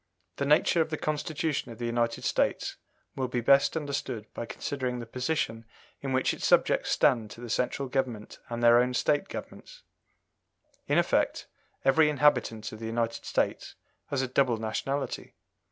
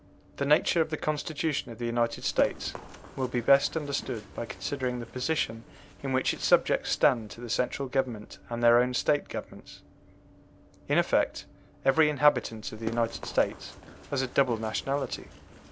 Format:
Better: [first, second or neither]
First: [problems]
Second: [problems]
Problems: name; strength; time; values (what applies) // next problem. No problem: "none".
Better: first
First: none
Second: background sound (Run); 18 dB below the speech